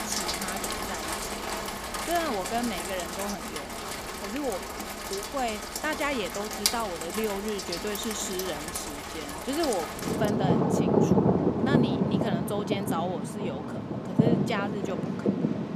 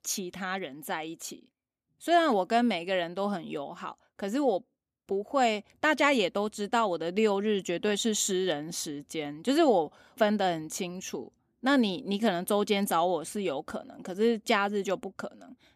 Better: second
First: rain or running water; very loud; throughout; 3 dB above the speech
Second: none

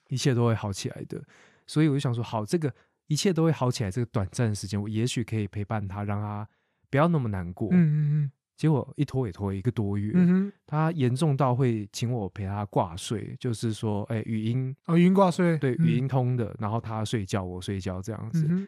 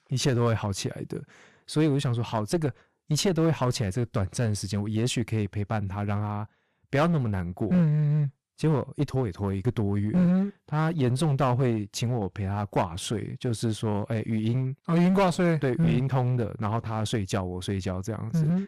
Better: first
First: none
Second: distortion; slight; 10% of the sound clipped

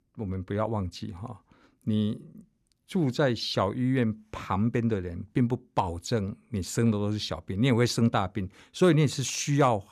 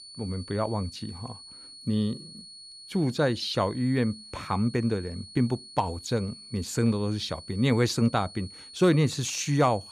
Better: first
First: none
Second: high-pitched whine; noticeable; throughout; 4.5 kHz, 15 dB below the speech

